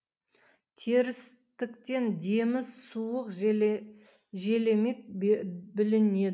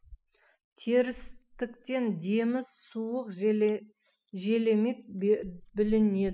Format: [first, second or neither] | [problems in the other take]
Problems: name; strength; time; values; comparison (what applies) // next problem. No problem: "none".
first | noise reduction (classical method spectral subtraction)